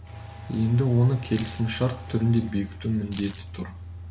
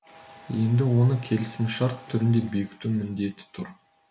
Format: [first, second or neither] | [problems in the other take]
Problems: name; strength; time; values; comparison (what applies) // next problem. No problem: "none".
second | background sound (Idling / Engine starting / Accelerating, revving, vroom / Car + Keys jangling); 14 dB below the speech